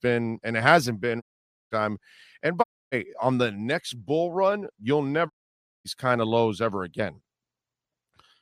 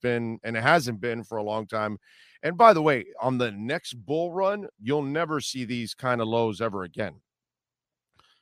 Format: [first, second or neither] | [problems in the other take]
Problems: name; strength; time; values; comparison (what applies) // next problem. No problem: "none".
second | audio cutting out; at 1 s, at 2.5 s and at 5.5 s for 0.5 s